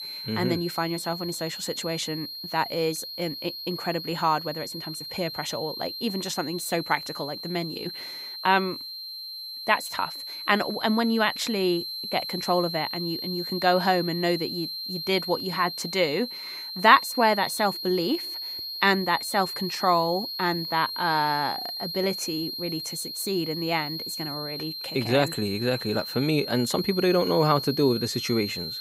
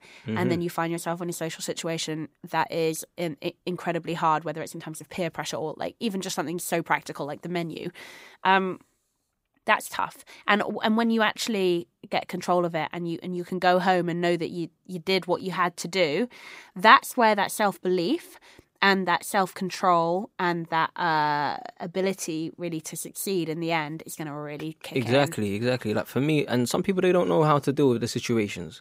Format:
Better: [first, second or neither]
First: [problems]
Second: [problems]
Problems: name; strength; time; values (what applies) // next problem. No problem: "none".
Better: second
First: high-pitched whine; loud; throughout; 4 kHz, 6 dB below the speech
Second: none